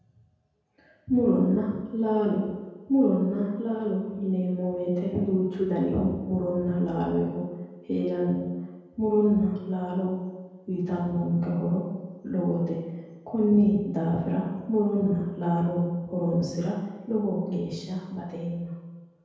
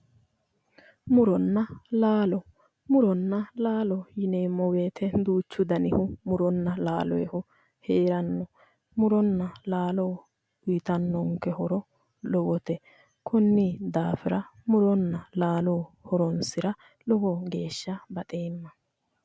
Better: second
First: room echo; dies away in 1.2 s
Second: none

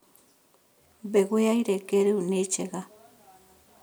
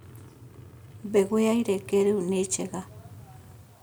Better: first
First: none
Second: background sound (Truck); 19 dB below the speech

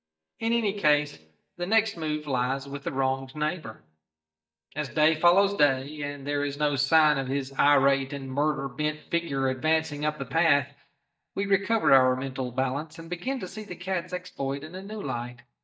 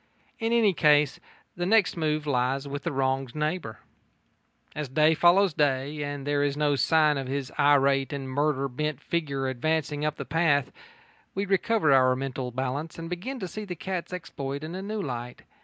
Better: second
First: noise reduction (neural mask model DeepFilterNet 3)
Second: none

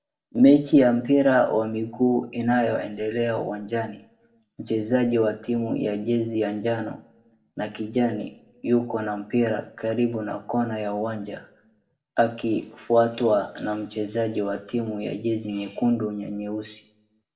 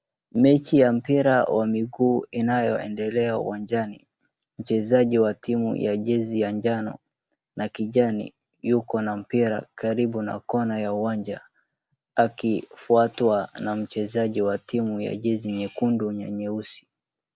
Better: second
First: room echo; dies away in 0.4 s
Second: none

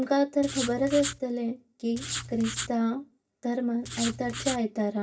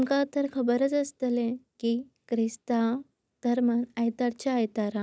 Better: second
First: background sound (Writing); 7 dB below the speech // room echo; dies away in 0.2 s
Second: none

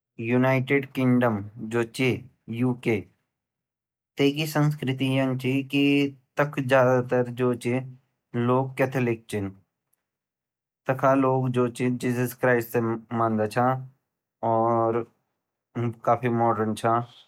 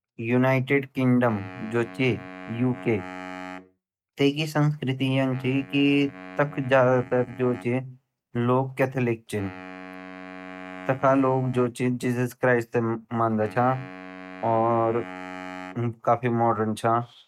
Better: first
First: none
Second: noise reduction (neural mask model RNNoise)

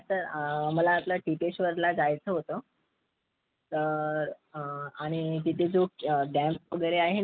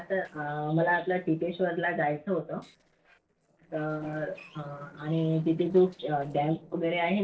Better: first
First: none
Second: noise reduction (neural separator model SepFormer DNS4)

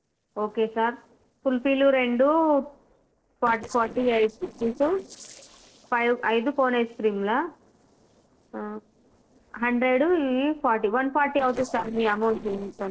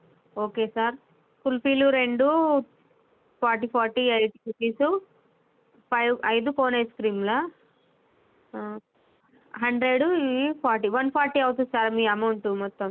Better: second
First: noise reduction (neural separator model SepFormer DNS4)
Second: none

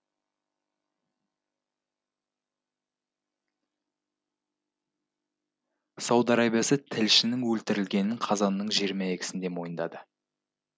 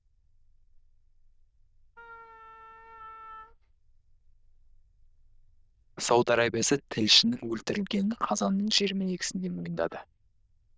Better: first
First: none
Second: noise reduction (neural diffusion model UNIVERSE++)

